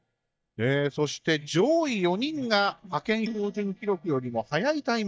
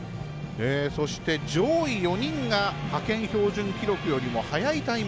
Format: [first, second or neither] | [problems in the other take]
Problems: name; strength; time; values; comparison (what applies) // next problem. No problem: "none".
second | noise reduction (neural mask model DeepFilterNet 3)